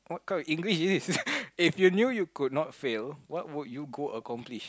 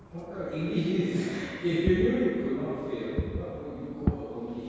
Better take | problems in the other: first | background sound (Fireworks); 7 dB below the speech // room echo; dies away in 2 s

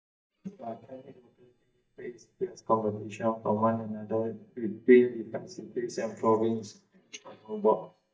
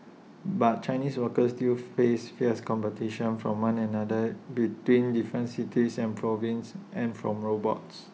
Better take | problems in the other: second | noise reduction (neural mask model DeepFilterNet 3)

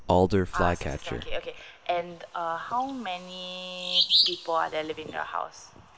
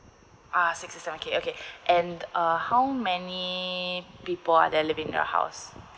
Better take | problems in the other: second | background sound (Bird vocalization, bird call, bird song); 4 dB above the speech

